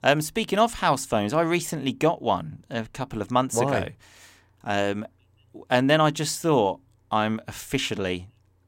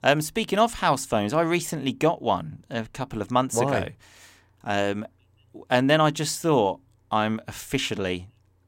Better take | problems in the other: neither | none

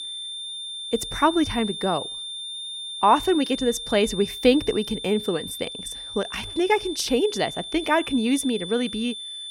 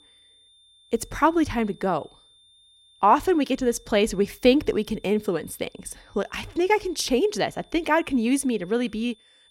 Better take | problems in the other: second | high-pitched whine; loud; throughout; 3.5 kHz, 8 dB below the speech; faint in the second

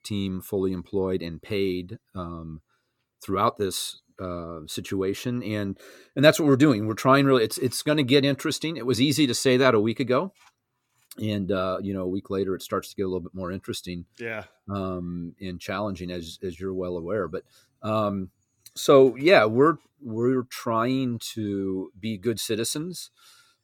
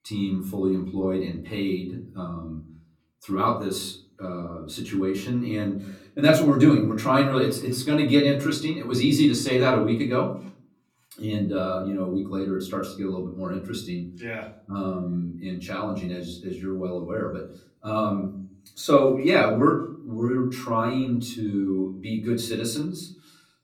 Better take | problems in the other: first | off-mic speech; far // room echo; slight; dies away in 0.5 s

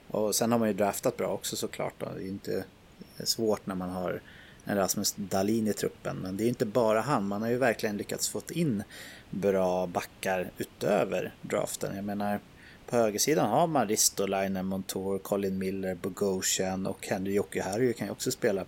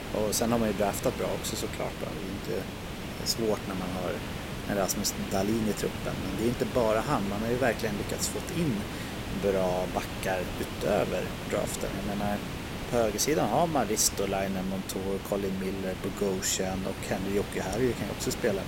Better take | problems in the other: first | hiss; loud; throughout; 6 dB below the speech; faint in the first

